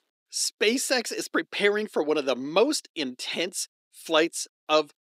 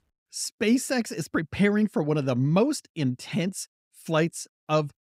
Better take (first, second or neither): second